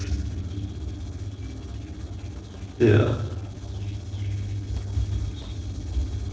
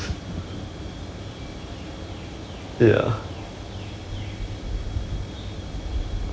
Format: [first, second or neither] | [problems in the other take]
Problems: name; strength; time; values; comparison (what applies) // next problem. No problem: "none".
second | noise reduction (neural separator model SepFormer DNS4)